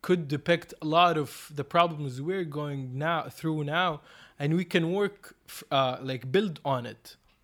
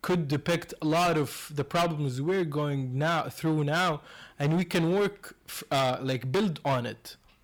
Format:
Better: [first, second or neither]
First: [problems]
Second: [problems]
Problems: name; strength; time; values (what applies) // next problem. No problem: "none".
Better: first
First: none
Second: distortion; heavy; 13% of the sound clipped